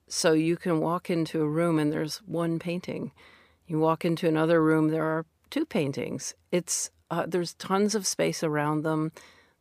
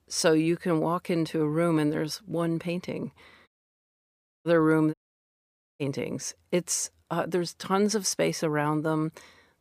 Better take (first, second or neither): first